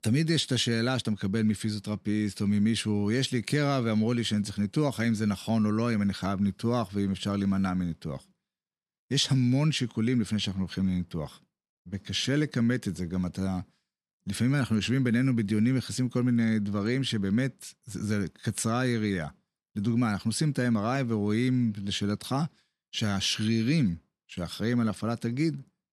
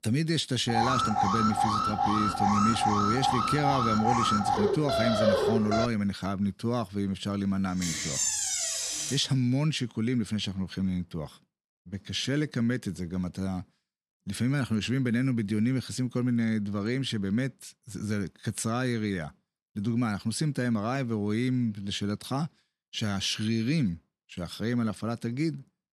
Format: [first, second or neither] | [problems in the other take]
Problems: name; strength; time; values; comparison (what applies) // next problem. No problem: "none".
first | alarm; loud; from 0.5 to 6 s; peak 5 dB above the speech // door banging; loud; from 8 to 9 s; peak 4 dB above the speech